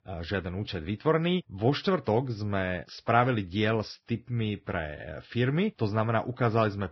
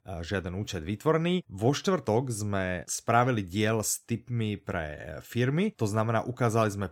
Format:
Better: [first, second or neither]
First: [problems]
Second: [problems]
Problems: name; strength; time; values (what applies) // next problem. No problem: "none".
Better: second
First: garbled, watery; badly; nothing above 5.5 kHz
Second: none